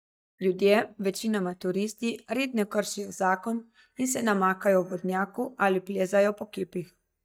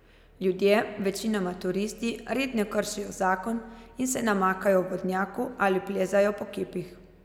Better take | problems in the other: second | noise reduction (neural mask model DeepFilterNet 3)

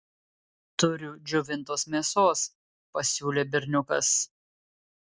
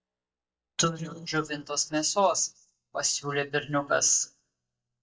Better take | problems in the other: first | noise reduction (neural mask model DeepFilterNet 3)

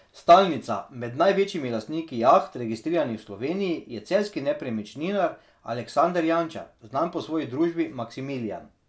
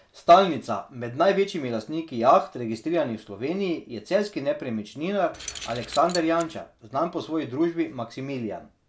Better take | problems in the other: first | background sound (Keys jangling); 13 dB below the speech

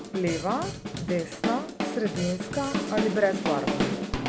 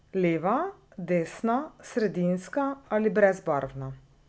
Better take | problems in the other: second | background sound (Drum kit); 1 dB below the speech

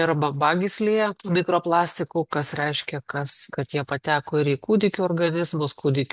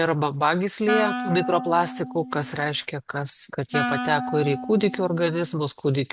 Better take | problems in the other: first | background sound (Wind instrument, woodwind instrument); 7 dB below the speech

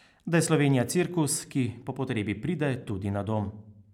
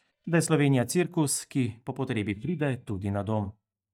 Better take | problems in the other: first | noise reduction (neural mask model DeepFilterNet 3)

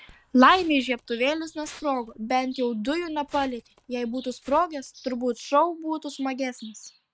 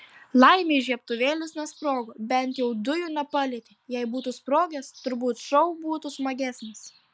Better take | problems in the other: second | noise reduction (neural mask model RNNoise)

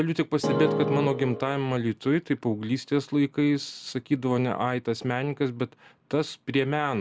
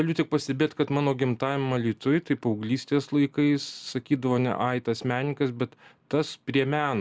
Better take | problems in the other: second | background sound (Keyboard (musical)); 1 dB below the speech

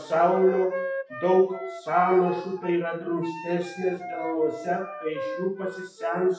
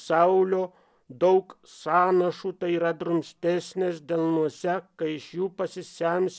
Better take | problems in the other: second | noise reduction (classical method WPE with log-MMSE)

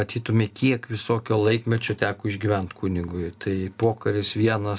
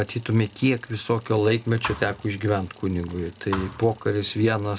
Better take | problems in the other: first | background sound (Bicycle + Thump, thud); 17 dB below the speech

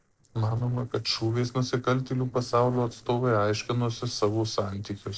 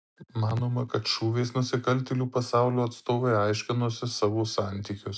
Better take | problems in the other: second | noise reduction (neural separator model SepFormer DNS4)

